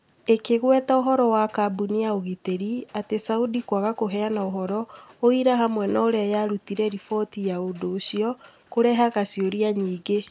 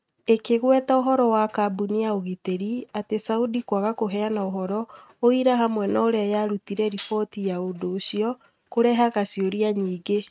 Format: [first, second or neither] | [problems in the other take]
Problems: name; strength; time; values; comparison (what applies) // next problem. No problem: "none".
first | noise reduction (neural mask model RNNoise)